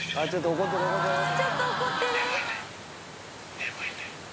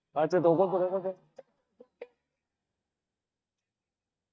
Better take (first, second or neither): first